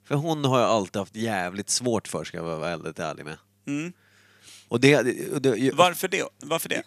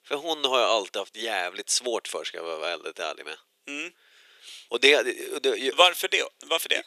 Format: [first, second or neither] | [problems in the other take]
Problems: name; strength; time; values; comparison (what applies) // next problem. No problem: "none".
first | thin; somewhat; fading below 400 Hz